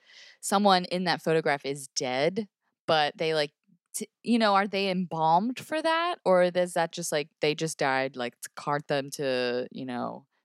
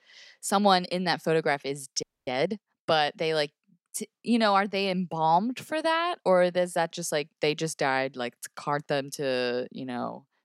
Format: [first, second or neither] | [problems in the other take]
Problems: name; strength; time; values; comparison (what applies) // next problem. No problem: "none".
first | audio freezing; at 2 s